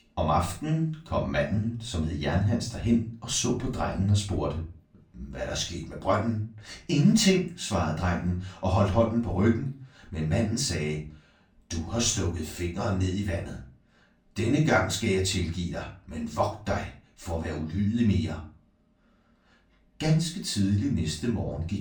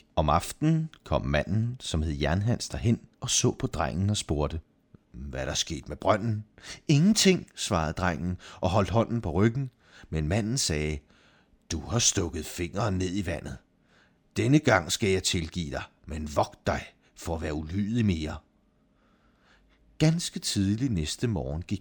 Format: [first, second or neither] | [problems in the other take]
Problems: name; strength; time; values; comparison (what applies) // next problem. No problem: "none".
second | room echo; slight; dies away in 0.3 s // off-mic speech; far